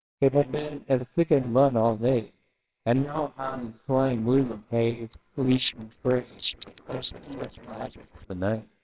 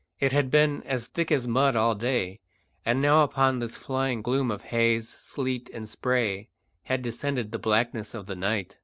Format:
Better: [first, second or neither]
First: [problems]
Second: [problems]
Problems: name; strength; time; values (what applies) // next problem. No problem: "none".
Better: second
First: noise reduction (neural separator model SepFormer WHAMR!)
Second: none